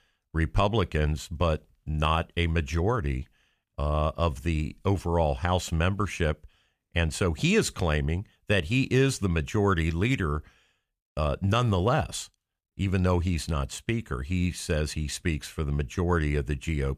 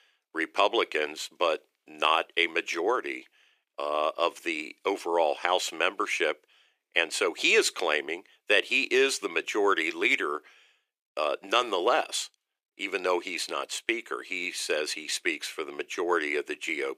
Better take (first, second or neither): first